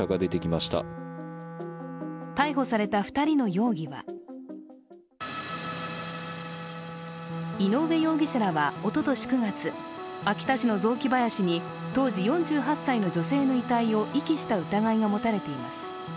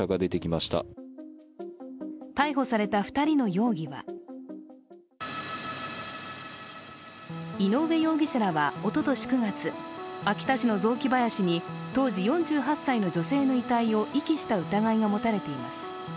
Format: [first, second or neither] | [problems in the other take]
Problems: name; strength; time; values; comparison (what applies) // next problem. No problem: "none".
second | background sound (Wind instrument, woodwind instrument); 15 dB below the speech